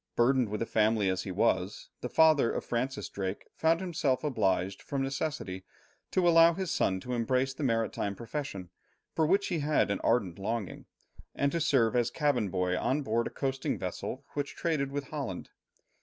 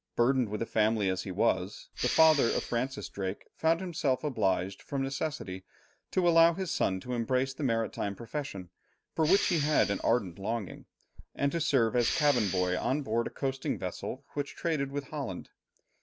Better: first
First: none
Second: background sound (Respiratory sounds); 6 dB below the speech

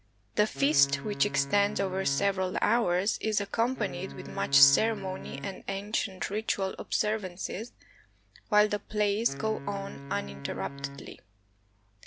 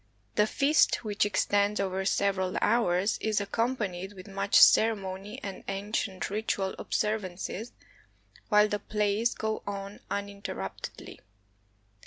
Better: second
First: background sound (Wind instrument, woodwind instrument); 13 dB below the speech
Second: none

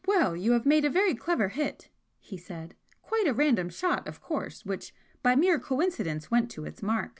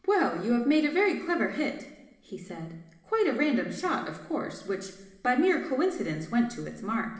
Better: first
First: none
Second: room echo; dies away in 1 s

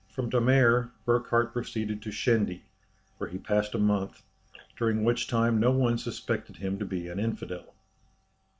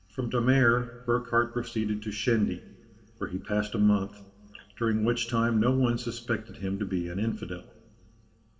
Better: first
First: none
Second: room echo; dies away in 1.4 s

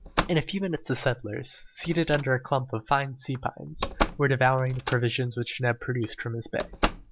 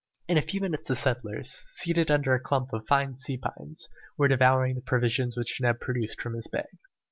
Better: second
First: background sound (Slam); 7 dB below the speech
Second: none

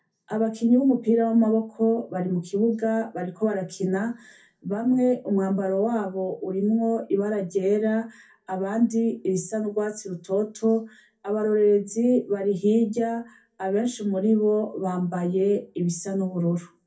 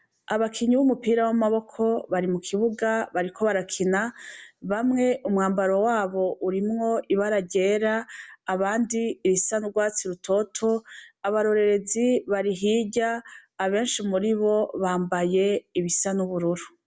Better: second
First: room echo; dies away in 0.3 s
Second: none

